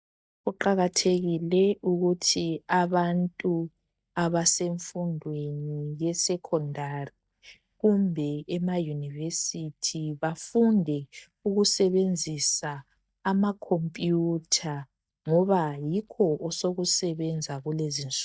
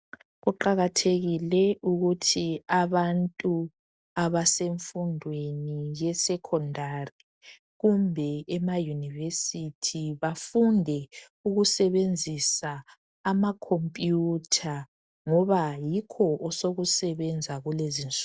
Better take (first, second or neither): second